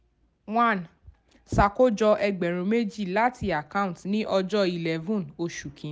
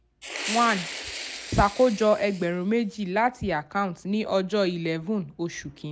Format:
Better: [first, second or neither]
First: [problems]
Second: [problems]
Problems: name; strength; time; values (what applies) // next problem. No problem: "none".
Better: first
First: none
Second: background sound (Fire); 11 dB below the speech